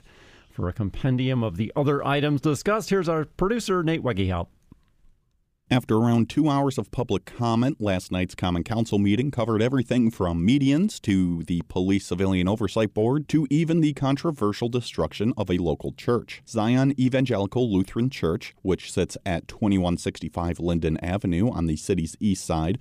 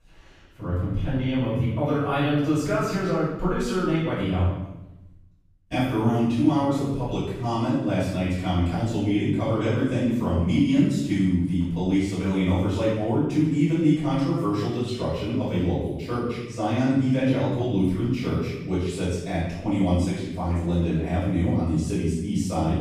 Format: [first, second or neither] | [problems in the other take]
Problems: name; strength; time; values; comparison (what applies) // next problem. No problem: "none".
first | off-mic speech; far // room echo; strong; dies away in 0.9 s